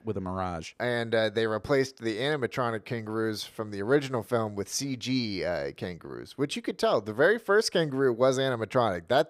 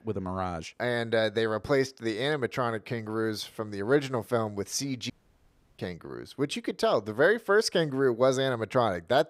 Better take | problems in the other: first | audio cutting out; at 5 s for 0.5 s

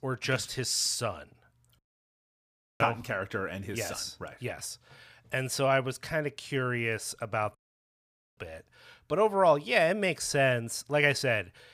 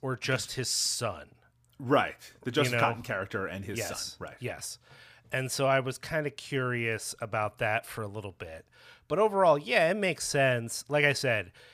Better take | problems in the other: second | audio cutting out; at 2 s for 1 s and at 7.5 s for 1 s

